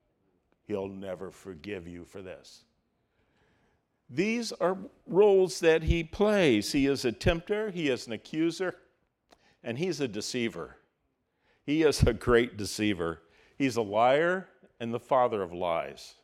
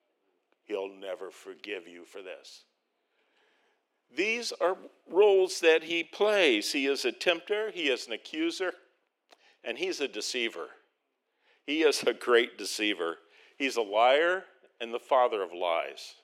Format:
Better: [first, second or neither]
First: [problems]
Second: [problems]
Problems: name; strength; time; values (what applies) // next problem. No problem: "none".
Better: first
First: none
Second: thin; somewhat; fading below 350 Hz